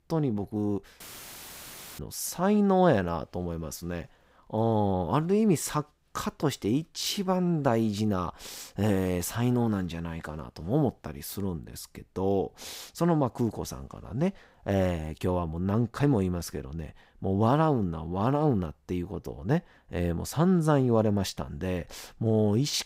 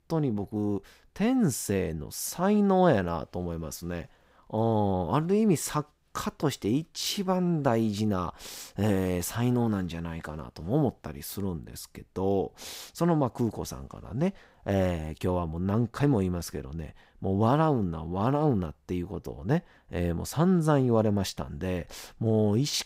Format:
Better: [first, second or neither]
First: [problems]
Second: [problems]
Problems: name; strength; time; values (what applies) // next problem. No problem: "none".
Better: second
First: audio cutting out; filled with static; at 1 s for 1 s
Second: none